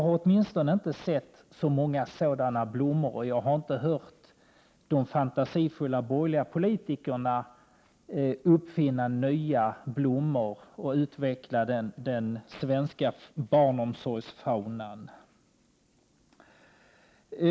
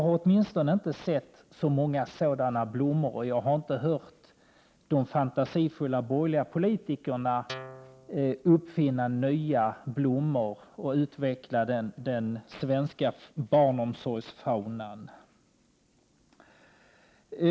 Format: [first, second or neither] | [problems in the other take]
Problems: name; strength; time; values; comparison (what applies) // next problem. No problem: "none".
first | background sound (Guitar); 15 dB below the speech